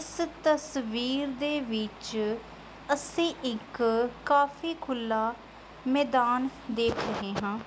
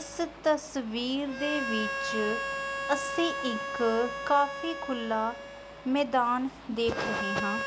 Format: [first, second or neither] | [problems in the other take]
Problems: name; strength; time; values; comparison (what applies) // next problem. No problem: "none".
first | background sound (Harmonica); 6 dB below the speech